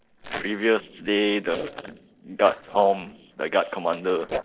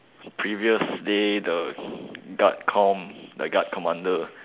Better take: second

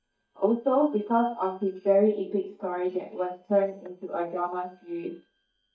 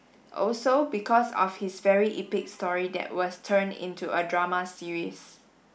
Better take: second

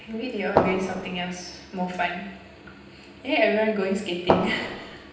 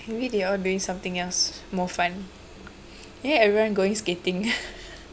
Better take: second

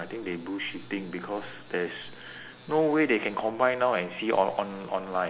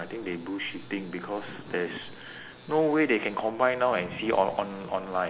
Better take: first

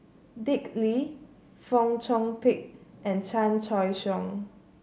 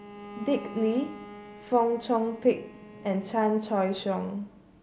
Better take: first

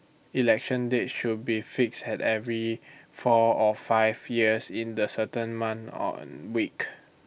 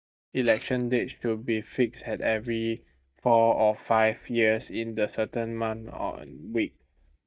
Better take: first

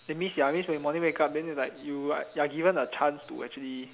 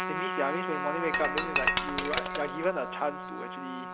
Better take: first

